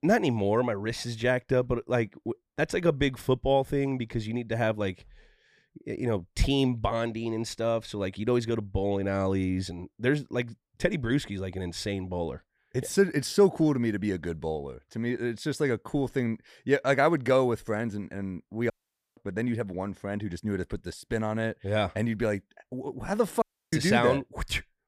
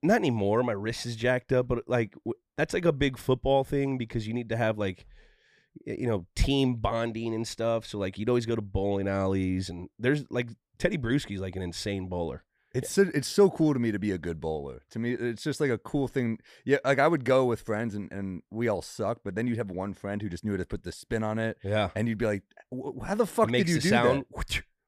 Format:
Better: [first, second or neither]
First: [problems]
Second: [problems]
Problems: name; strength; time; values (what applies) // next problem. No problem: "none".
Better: second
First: audio cutting out; at 19 s and at 23 s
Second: none